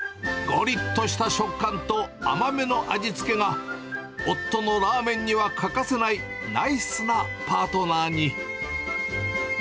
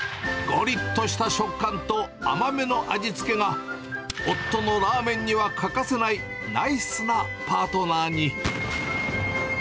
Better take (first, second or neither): first